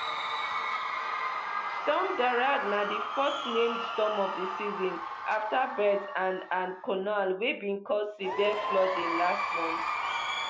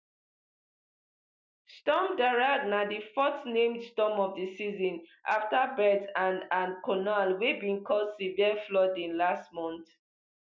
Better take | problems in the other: second | background sound (Crowd / Cheering); 3 dB below the speech

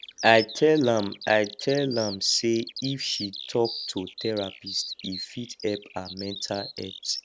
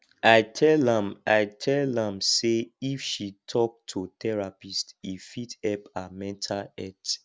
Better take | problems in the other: second | background sound (Bird vocalization, bird call, bird song); 12 dB below the speech

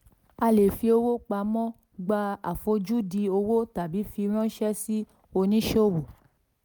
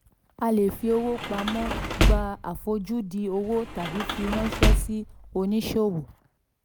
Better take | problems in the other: first | background sound (Sliding door / Slam); 1 dB above the speech

